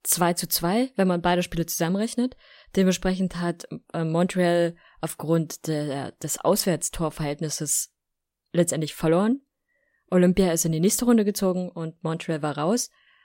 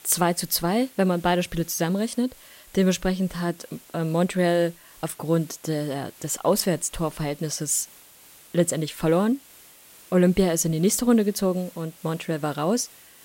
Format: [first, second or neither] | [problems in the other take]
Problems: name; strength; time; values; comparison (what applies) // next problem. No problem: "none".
first | hiss; faint; throughout; 25 dB below the speech